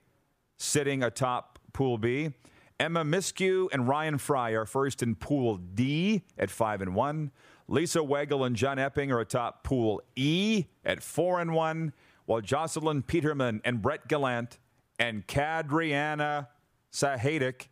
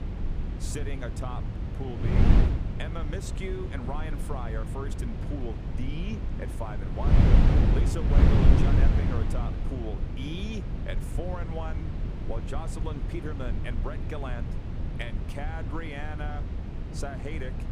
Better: first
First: none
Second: wind noise on the microphone; heavy; 1 dB above the speech

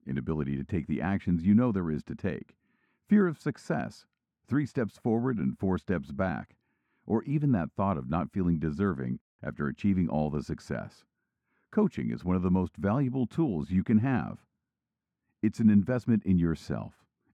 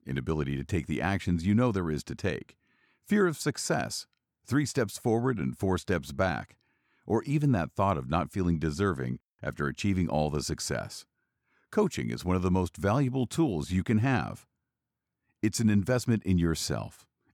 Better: second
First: muffled; slightly; fading above 3.5 kHz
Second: none

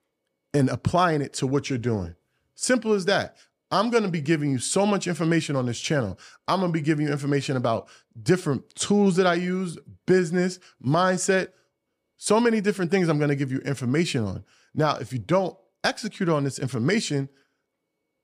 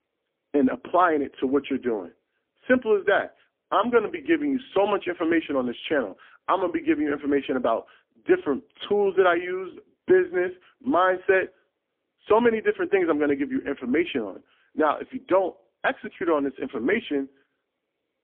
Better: first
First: none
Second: phone-call audio; poor line; nothing above 3.5 kHz

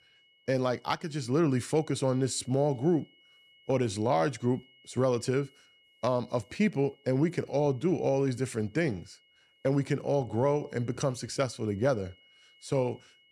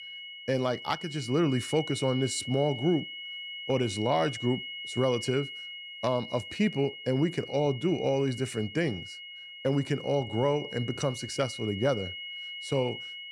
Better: first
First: high-pitched whine; faint; throughout; 3 kHz, 30 dB below the speech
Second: high-pitched whine; loud; throughout; 3 kHz, 9 dB below the speech

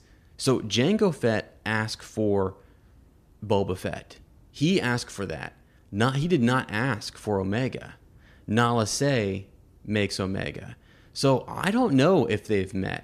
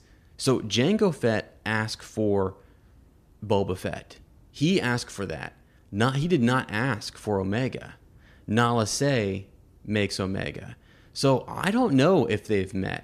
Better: neither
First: none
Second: none

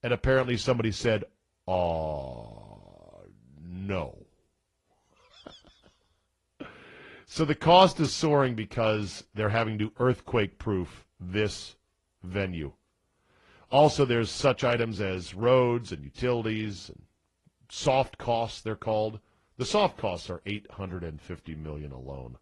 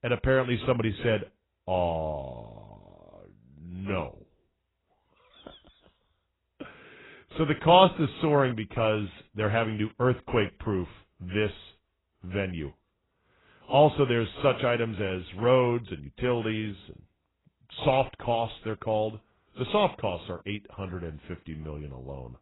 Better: first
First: garbled, watery; slightly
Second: garbled, watery; badly; nothing above 4 kHz

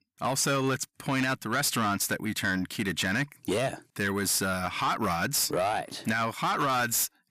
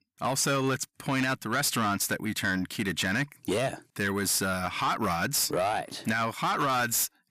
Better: neither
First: distortion; slight; 10 dB below the speech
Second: distortion; slight; 10 dB below the speech

